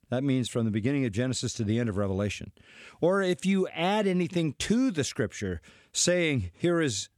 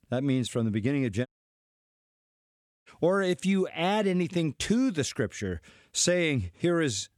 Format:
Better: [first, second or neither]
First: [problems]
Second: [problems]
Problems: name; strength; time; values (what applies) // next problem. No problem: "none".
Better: first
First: none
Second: audio cutting out; at 1.5 s for 1.5 s